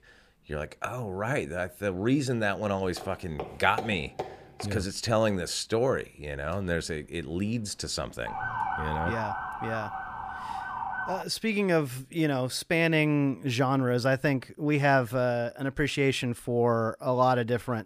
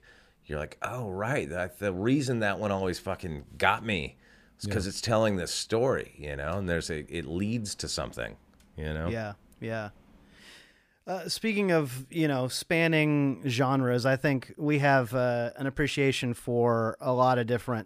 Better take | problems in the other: second | footsteps; noticeable; from 3 to 4.5 s; peak 9 dB below the speech // siren; noticeable; from 8.5 to 11 s; peak 2 dB below the speech

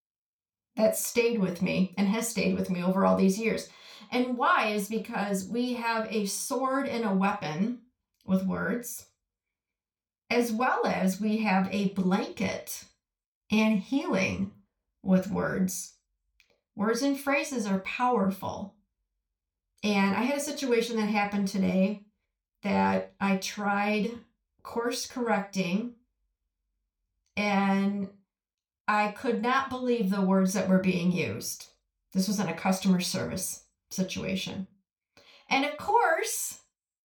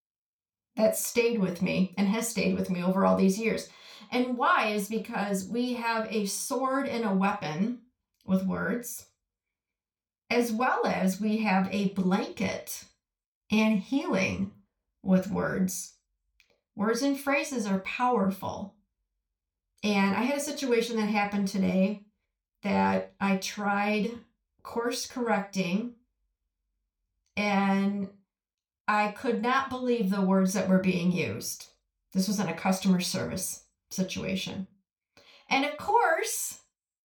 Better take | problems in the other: neither | room echo; very slight; dies away in 0.3 s; the same in both

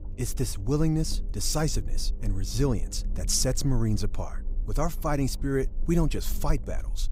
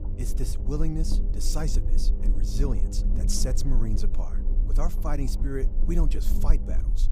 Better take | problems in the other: first | low rumble; loud; throughout; 8 dB below the speech; faint in the first

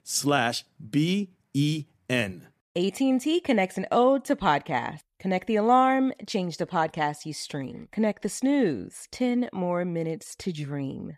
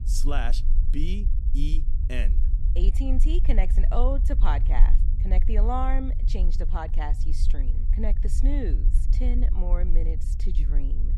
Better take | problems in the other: first | low rumble; noticeable; throughout; 10 dB below the speech

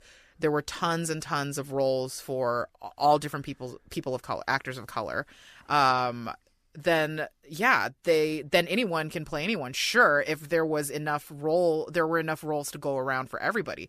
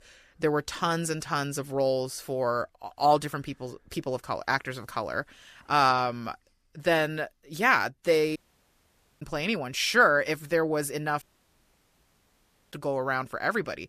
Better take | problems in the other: first | audio cutting out; at 8.5 s for 1 s and at 11 s for 1.5 s

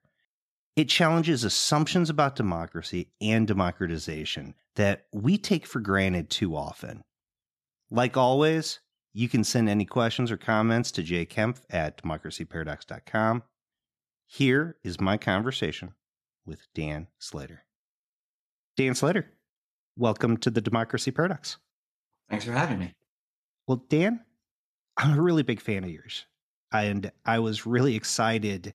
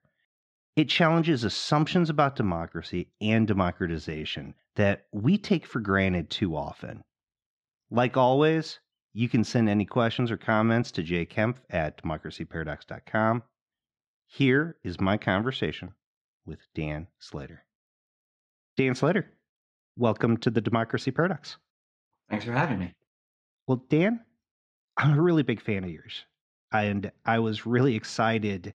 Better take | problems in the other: first | muffled; very slightly; fading above 3.5 kHz

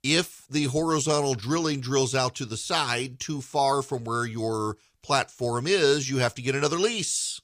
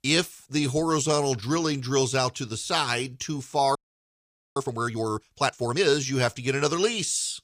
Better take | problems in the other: first | audio freezing; at 4 s for 1 s

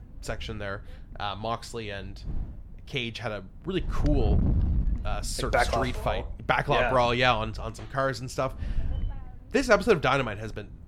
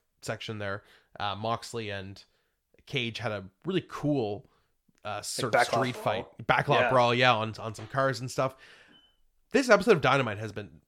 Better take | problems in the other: second | wind noise on the microphone; occasional gusts; 20 dB below the speech

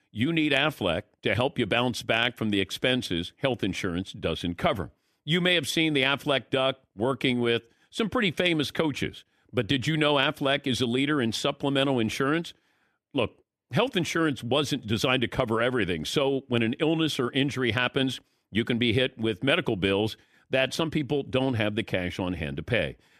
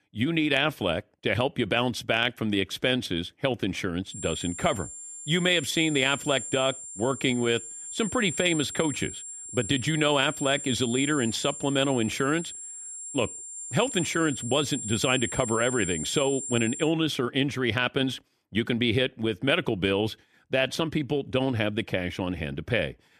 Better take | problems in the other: first | high-pitched whine; loud; from 4 to 17 s; 7.5 kHz, 8 dB below the speech

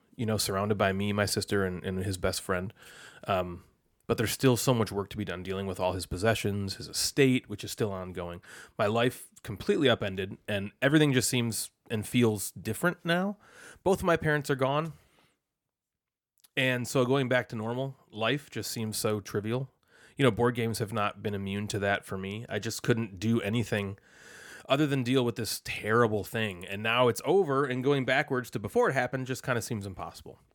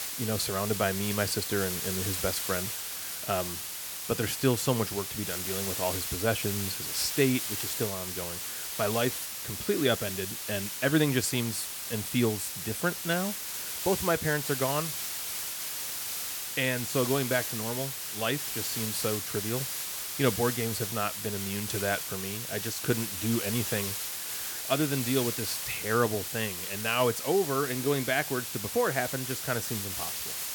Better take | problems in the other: first | hiss; loud; throughout; 2 dB below the speech

